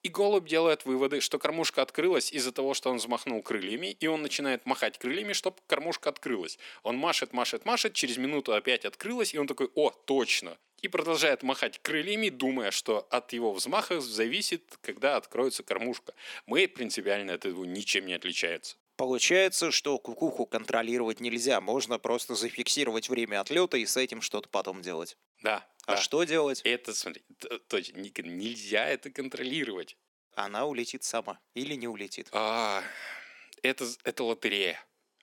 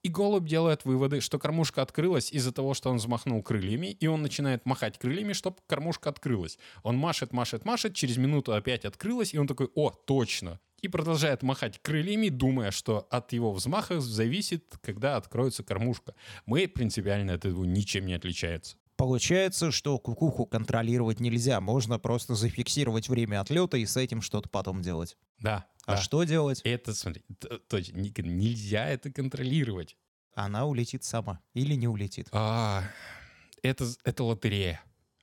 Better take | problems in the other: second | thin; somewhat; fading below 300 Hz

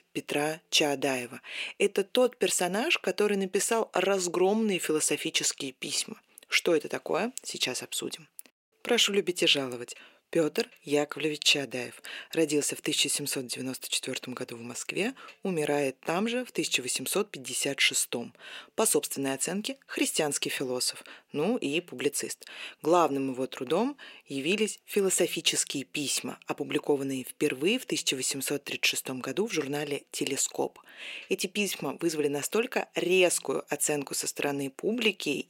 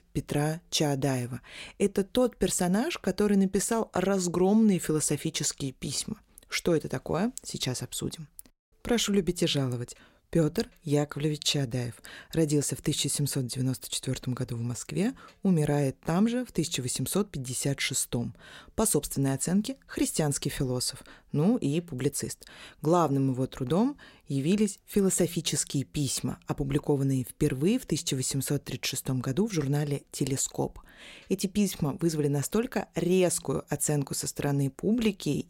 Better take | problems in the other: second | thin; somewhat; fading below 400 Hz

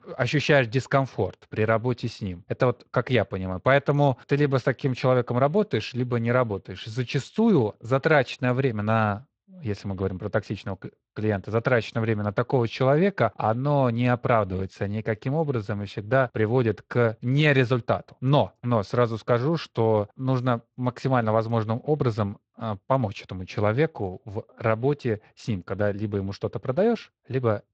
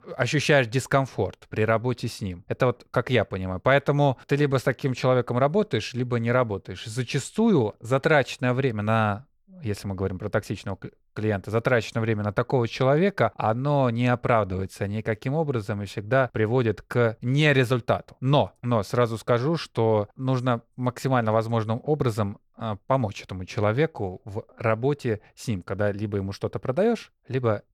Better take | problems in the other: second | garbled, watery; slightly

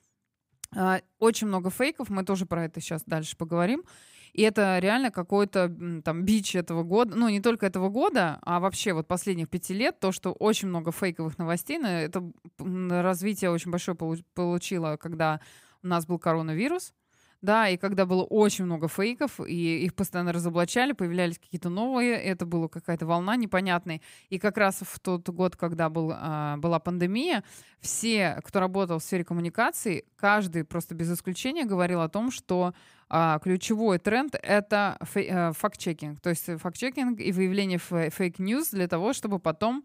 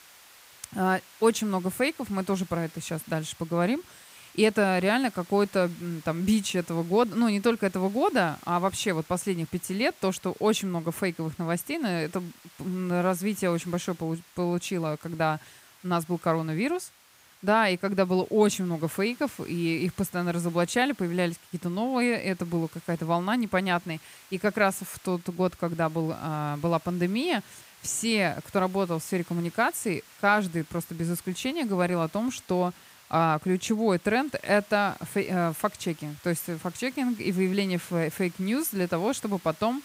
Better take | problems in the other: first | hiss; faint; throughout; 25 dB below the speech

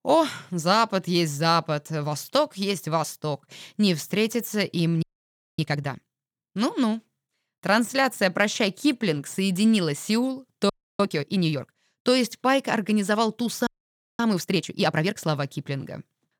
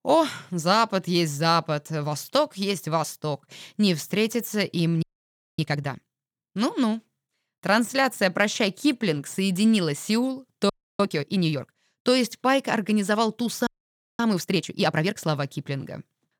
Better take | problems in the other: neither | audio freezing; at 5 s for 0.5 s, at 11 s and at 14 s for 0.5 s; the same in both

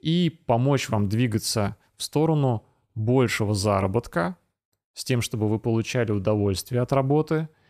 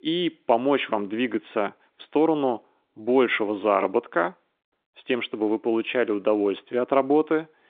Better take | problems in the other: first | phone-call audio; nothing above 3 kHz

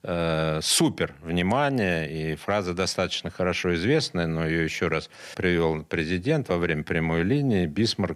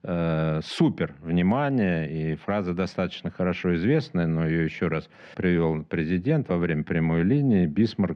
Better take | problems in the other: first | muffled; slightly; fading above 2.5 kHz

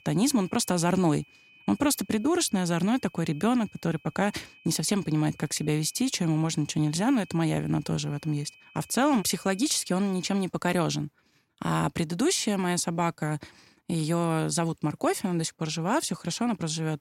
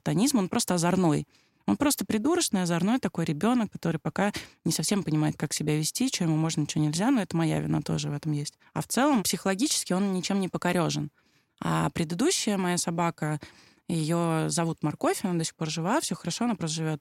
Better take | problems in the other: second | high-pitched whine; faint; until 10 s; 2.5 kHz, 25 dB below the speech

